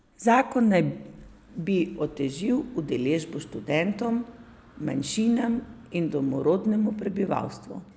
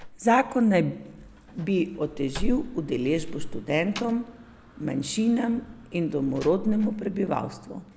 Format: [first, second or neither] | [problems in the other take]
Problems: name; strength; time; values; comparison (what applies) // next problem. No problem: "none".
first | background sound (Slam); 10 dB below the speech